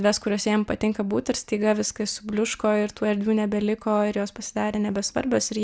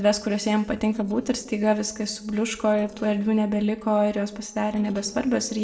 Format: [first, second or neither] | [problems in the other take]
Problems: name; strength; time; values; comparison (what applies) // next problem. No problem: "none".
first | noise reduction (neural separator model SepFormer DNS4)